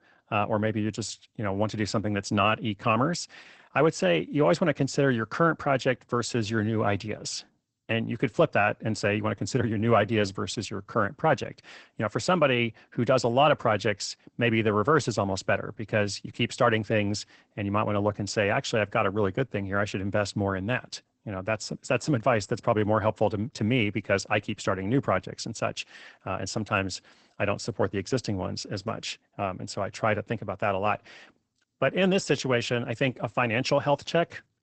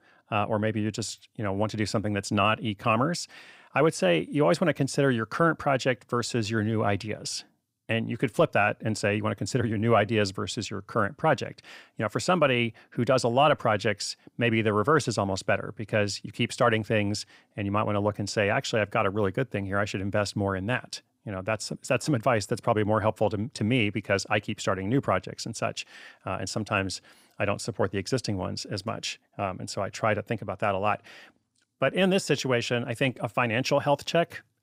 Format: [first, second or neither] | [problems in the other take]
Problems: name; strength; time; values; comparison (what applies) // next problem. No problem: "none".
second | garbled, watery; badly; nothing above 8 kHz